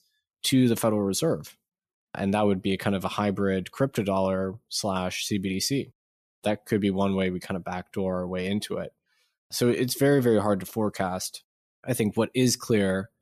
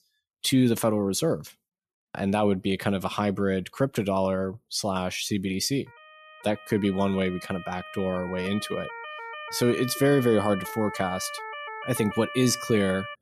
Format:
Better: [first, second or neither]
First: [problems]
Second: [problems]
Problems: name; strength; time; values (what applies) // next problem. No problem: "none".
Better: first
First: none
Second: siren; noticeable; from 6 s on; peak 9 dB below the speech